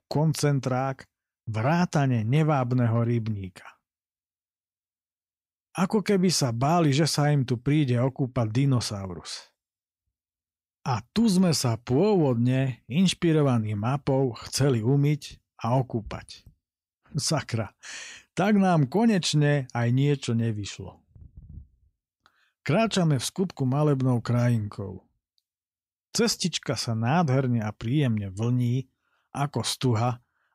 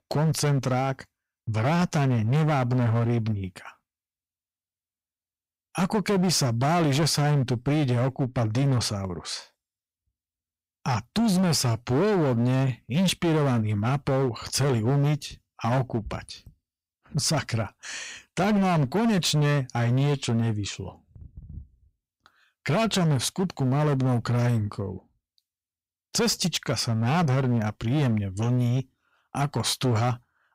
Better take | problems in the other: first | distortion; slight; 16% of the sound clipped

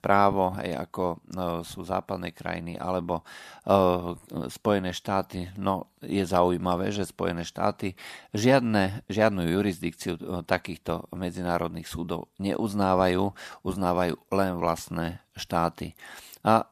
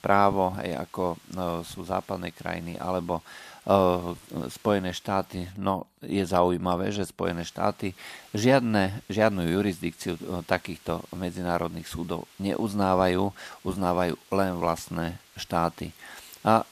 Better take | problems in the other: first | hiss; faint; until 5.5 s and from 7.5 s on; 25 dB below the speech

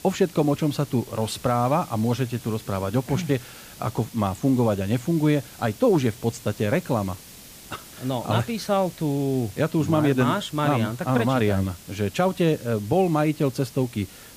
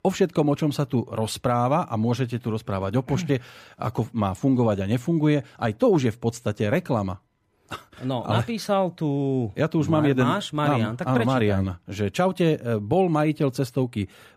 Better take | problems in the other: second | hiss; noticeable; throughout; 20 dB below the speech

